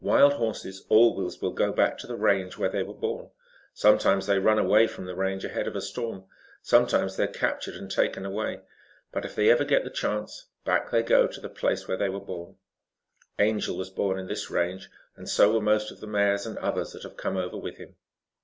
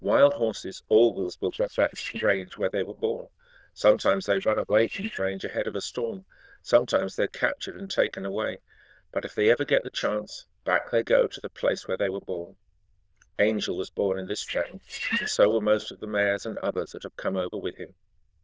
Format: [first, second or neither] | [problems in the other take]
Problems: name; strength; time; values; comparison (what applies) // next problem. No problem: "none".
first | noise reduction (neural diffusion model UNIVERSE++)